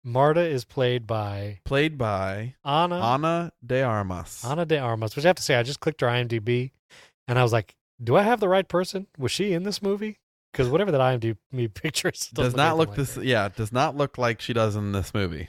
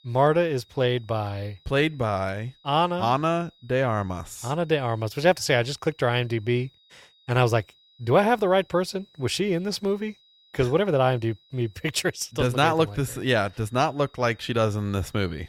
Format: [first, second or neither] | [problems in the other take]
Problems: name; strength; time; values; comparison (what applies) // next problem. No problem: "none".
first | high-pitched whine; faint; throughout; 4 kHz, 30 dB below the speech